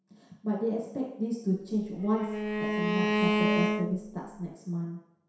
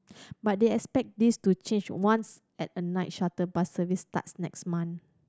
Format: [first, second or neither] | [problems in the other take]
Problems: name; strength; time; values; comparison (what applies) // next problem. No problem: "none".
second | background sound (Bowed string instrument); 3 dB above the speech // room echo; dies away in 0.7 s